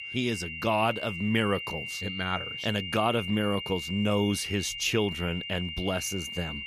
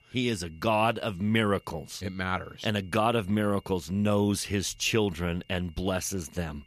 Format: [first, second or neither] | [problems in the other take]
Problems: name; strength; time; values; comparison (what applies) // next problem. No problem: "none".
second | high-pitched whine; loud; throughout; 3 kHz, 6 dB below the speech; faint in the second